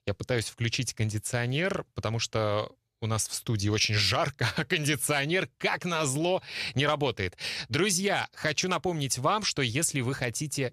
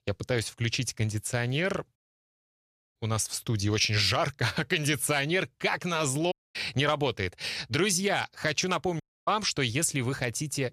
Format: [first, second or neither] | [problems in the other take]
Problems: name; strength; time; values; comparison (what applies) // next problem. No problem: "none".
first | audio cutting out; at 2 s for 1 s, at 6.5 s and at 9 s